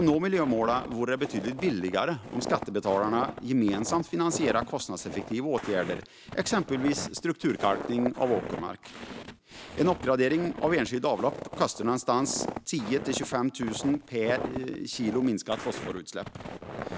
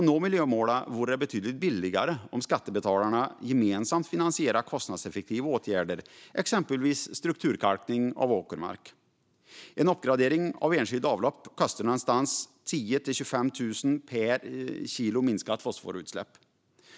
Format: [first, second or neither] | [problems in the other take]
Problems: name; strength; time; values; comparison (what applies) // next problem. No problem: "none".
second | background sound (Walk, footsteps); 10 dB below the speech